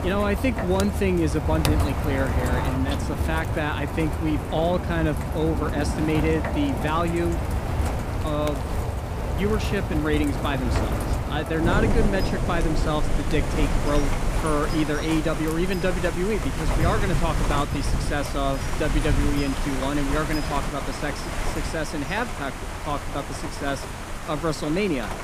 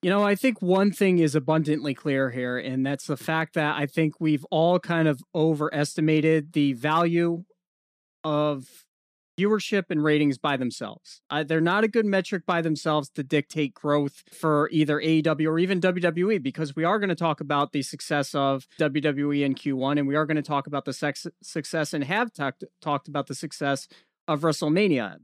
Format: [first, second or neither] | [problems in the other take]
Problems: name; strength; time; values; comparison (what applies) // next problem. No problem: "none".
second | rain or running water; loud; throughout; 1 dB below the speech